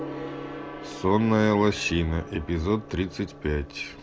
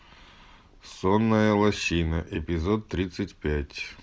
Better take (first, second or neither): second